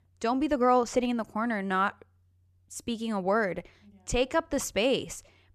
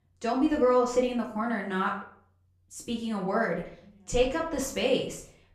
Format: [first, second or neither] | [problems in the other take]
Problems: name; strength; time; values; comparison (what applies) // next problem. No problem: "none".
first | off-mic speech; far // room echo; slight; dies away in 0.4 s